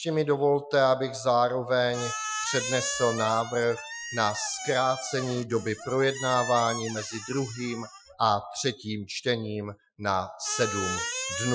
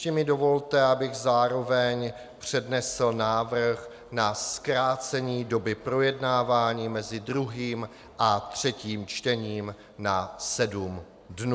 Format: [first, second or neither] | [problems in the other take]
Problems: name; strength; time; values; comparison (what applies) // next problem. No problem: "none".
second | noise reduction (classical method Wiener filter)